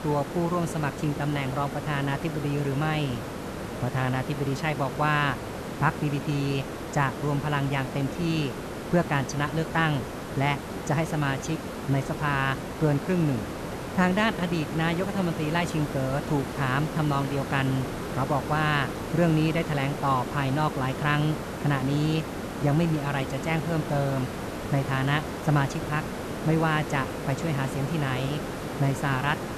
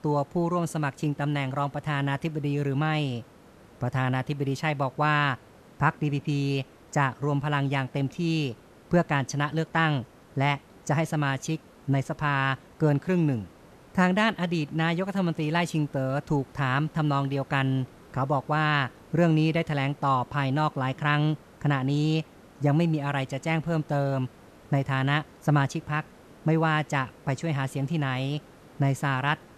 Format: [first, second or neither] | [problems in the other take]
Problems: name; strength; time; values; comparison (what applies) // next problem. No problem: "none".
second | hiss; loud; throughout; 7 dB below the speech; faint in the second